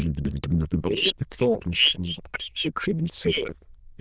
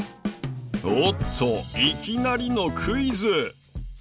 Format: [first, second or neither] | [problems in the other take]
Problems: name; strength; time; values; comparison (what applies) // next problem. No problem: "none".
second | noise reduction (neural diffusion model UNIVERSE++)